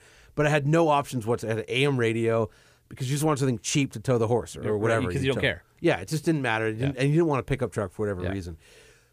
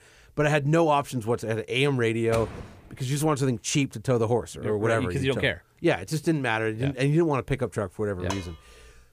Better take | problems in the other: first | door banging; faint; at 2.5 s; peak 10 dB below the speech // clattering dishes; faint; at 8.5 s; peak 10 dB below the speech

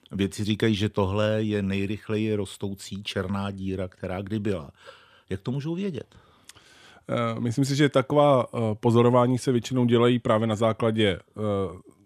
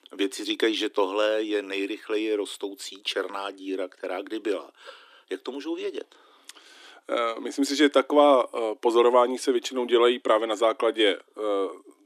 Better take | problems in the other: first | thin; somewhat; fading below 300 Hz

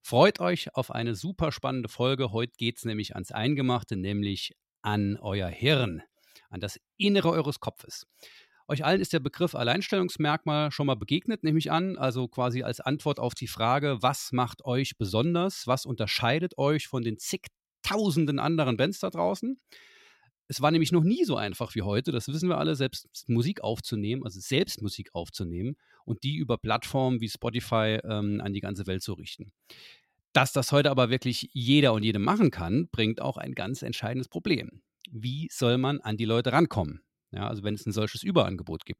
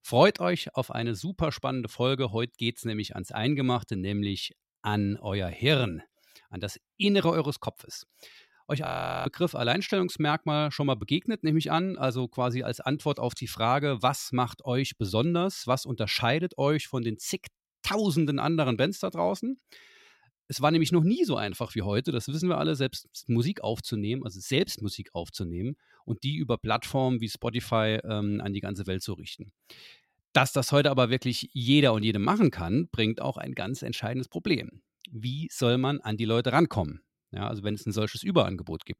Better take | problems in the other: first | audio freezing; at 9 s

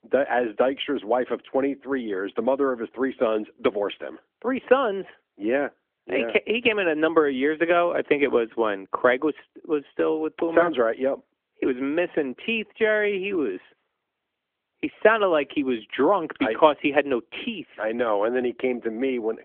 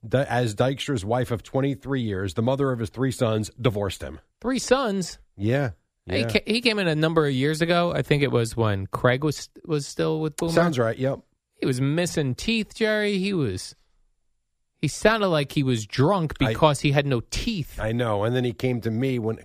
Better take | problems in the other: second | phone-call audio; nothing above 3.5 kHz

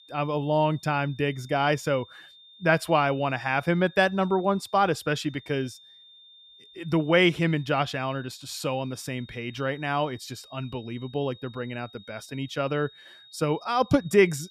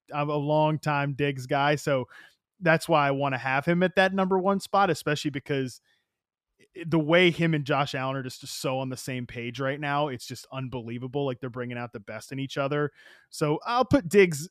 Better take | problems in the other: second | high-pitched whine; faint; throughout; 3.5 kHz, 25 dB below the speech

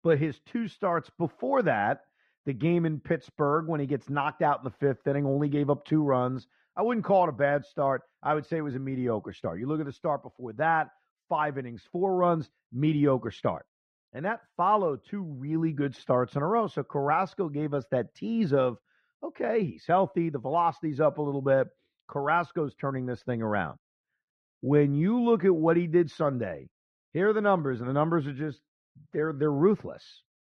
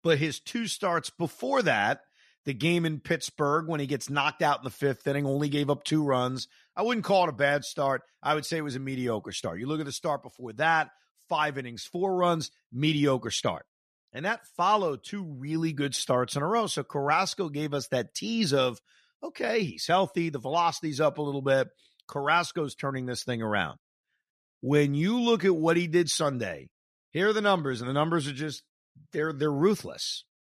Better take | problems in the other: second | muffled; very; fading above 4 kHz

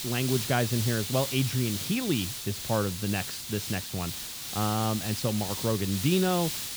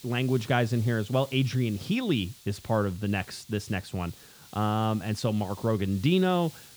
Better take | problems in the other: second | hiss; loud; throughout; 4 dB below the speech; faint in the second

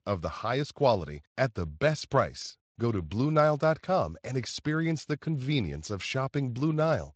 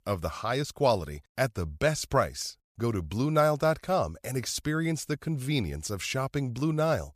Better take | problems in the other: second | garbled, watery; slightly; nothing above 7.5 kHz

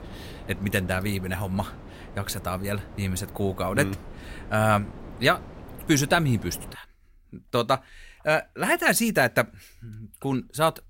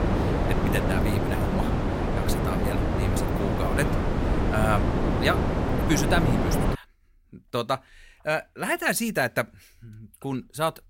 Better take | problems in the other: first | wind noise on the microphone; heavy; until 7 s; 1 dB below the speech; occasional gusts in the first

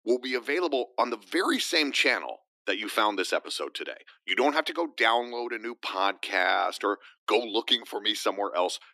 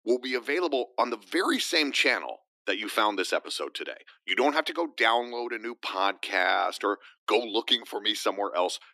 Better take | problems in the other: neither | thin; somewhat; fading below 300 Hz; the same in both

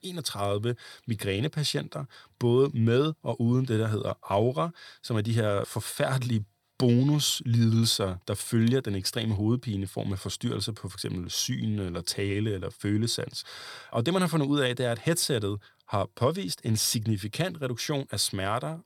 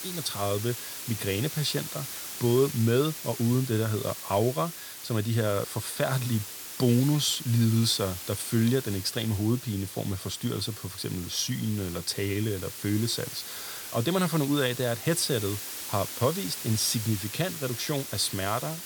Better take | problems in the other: first | hiss; loud; throughout; 8 dB below the speech

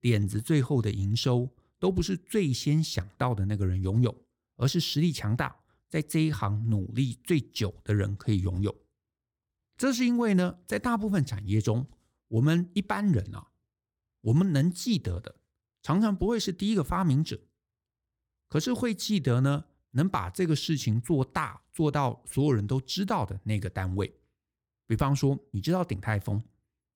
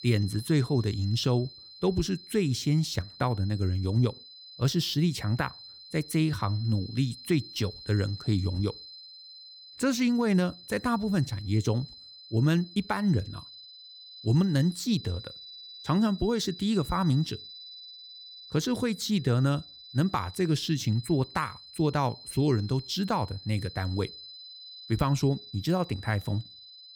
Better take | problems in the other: first | high-pitched whine; noticeable; throughout; 4 kHz, 15 dB below the speech

